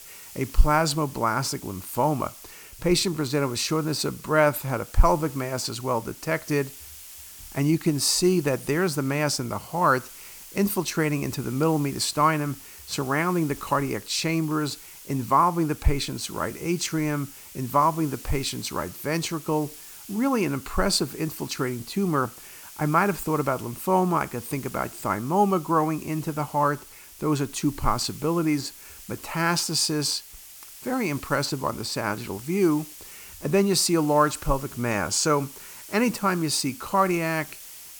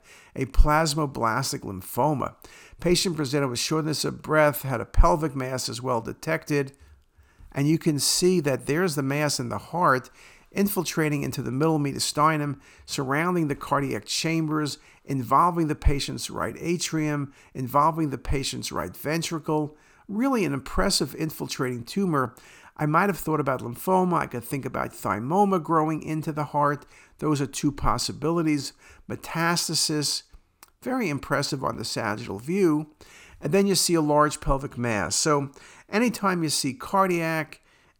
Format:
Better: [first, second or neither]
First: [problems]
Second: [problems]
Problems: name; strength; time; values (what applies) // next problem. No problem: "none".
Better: second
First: hiss; noticeable; throughout; 15 dB below the speech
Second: none